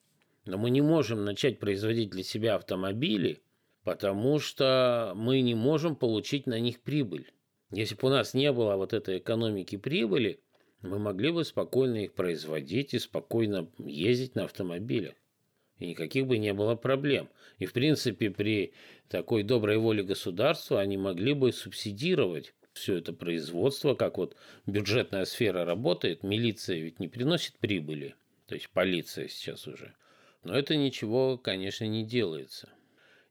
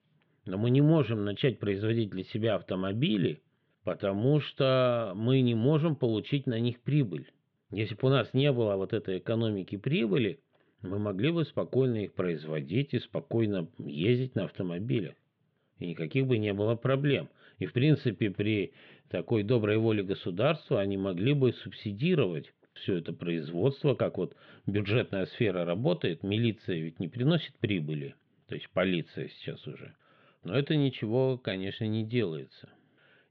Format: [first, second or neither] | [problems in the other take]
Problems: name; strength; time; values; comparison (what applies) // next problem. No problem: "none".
first | muffled; slightly; fading above 3.5 kHz